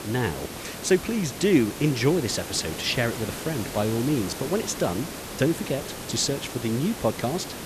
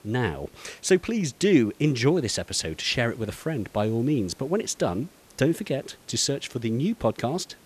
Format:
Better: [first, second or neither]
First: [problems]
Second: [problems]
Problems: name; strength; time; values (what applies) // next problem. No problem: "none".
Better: second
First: hiss; loud; throughout; 9 dB below the speech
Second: hiss; faint; throughout; 30 dB below the speech